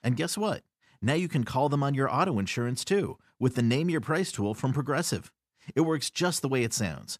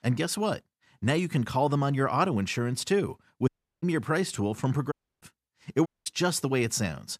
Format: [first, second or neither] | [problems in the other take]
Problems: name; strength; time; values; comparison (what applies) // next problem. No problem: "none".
first | audio cutting out; at 3.5 s, at 5 s and at 6 s